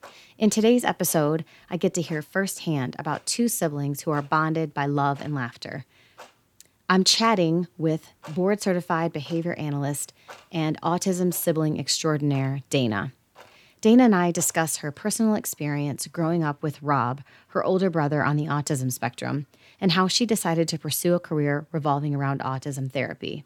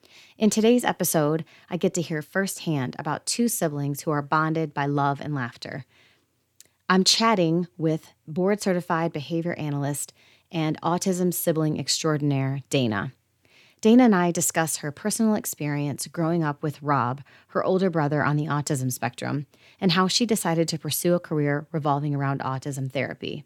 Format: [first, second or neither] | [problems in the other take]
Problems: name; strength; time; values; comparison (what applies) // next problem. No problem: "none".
second | household noises; faint; throughout; 25 dB below the speech